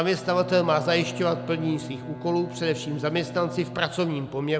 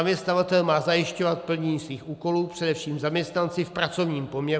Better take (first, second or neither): second